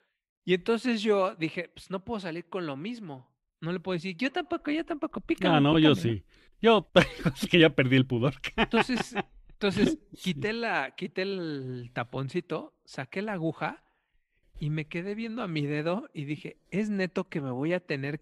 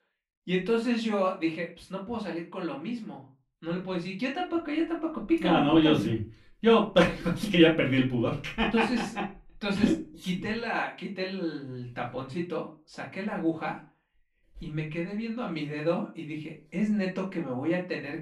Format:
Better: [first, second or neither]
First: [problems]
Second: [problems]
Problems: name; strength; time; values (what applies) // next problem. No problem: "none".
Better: first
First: none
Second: off-mic speech; far // room echo; slight; dies away in 0.2 s